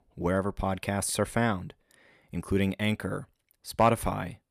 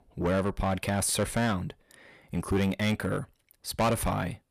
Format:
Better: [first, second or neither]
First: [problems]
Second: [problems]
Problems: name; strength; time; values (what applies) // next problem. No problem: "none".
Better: first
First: none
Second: distortion; heavy; 8 dB below the speech